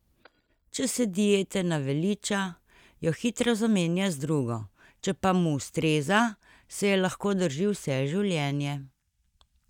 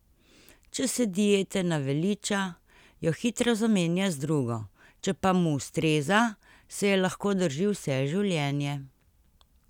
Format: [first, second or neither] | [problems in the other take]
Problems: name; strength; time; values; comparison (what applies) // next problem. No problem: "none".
second | noise reduction (neural mask model DeepFilterNet 3)